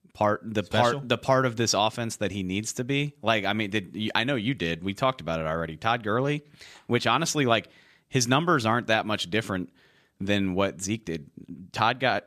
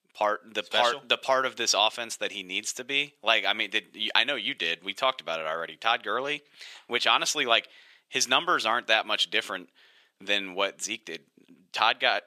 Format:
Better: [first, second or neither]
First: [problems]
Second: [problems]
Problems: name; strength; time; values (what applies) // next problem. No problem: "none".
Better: first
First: none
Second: thin; very; fading below 550 Hz